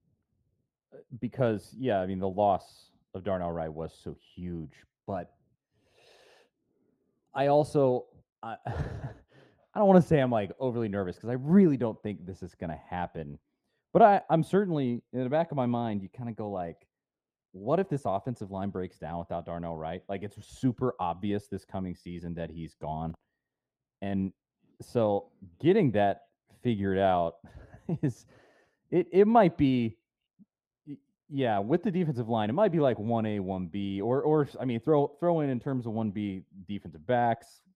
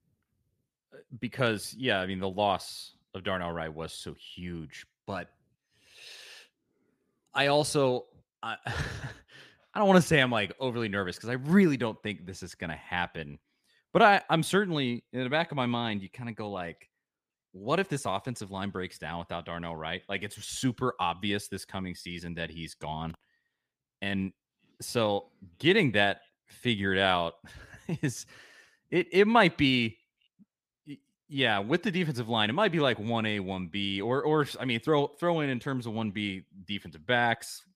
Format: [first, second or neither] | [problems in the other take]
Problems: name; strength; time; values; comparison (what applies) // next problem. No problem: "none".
second | muffled; very; fading above 1 kHz